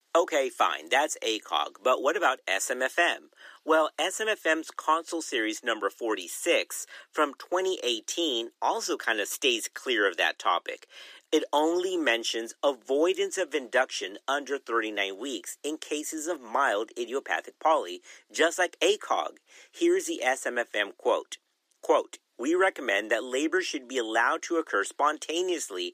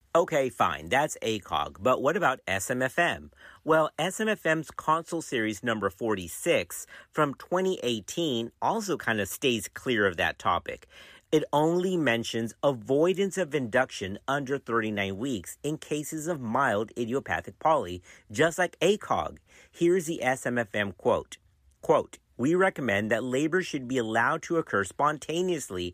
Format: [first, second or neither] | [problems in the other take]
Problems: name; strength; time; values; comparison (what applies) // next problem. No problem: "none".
second | thin; somewhat; fading below 300 Hz